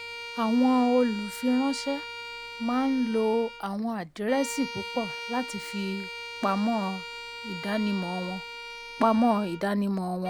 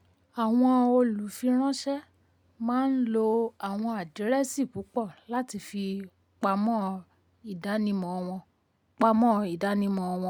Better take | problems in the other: second | background sound (Bowed string instrument); 12 dB below the speech

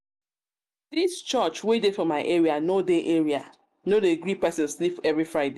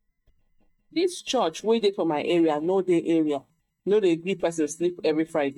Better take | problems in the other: first | noise reduction (neural mask model DeepFilterNet 3)

